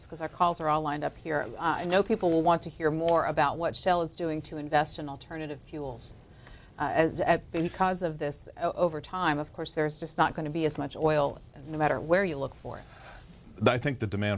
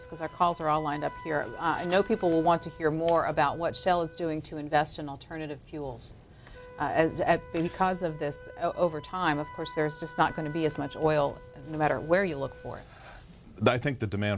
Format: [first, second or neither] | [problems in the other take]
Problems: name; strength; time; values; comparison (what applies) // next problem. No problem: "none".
first | background sound (Wind instrument, woodwind instrument); 20 dB below the speech